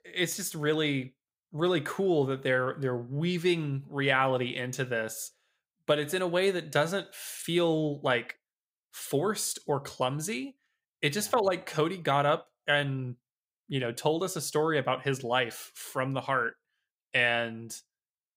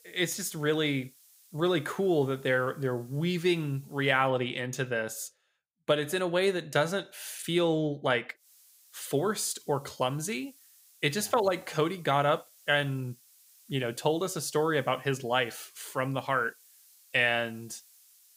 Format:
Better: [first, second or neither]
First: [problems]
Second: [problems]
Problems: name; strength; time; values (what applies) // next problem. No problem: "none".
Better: first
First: none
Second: hiss; faint; until 4.5 s and from 8.5 s on; 25 dB below the speech